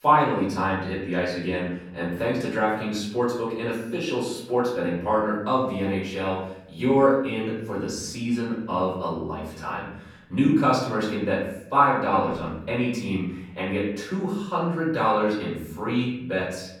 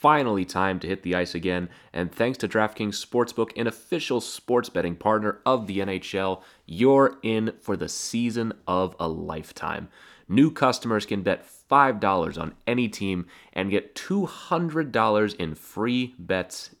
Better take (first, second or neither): second